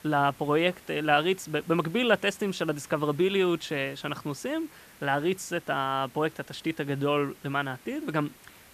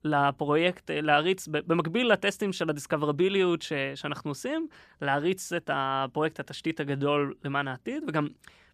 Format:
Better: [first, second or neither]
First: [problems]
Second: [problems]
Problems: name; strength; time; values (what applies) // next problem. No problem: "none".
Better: second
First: hiss; faint; throughout; 25 dB below the speech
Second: none